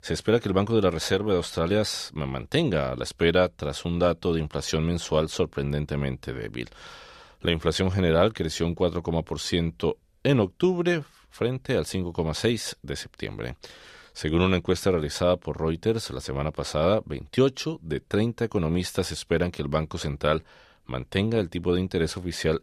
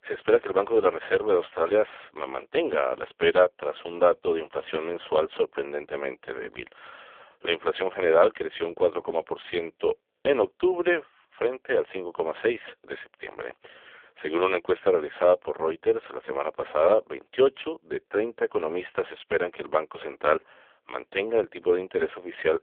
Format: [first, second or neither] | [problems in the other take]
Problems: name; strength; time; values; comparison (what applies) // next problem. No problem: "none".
first | phone-call audio; poor line